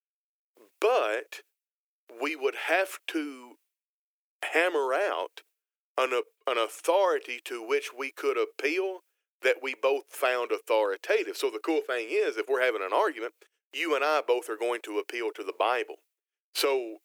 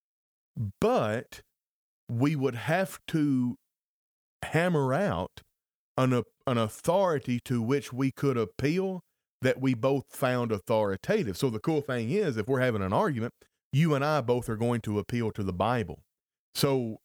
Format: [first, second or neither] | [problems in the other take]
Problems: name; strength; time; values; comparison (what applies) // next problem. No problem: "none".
second | thin; very; fading below 300 Hz